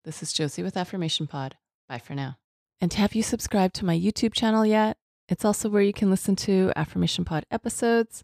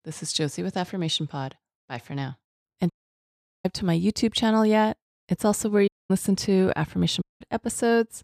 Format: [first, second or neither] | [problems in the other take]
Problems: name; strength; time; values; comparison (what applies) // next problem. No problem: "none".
first | audio cutting out; at 3 s for 0.5 s, at 6 s and at 7 s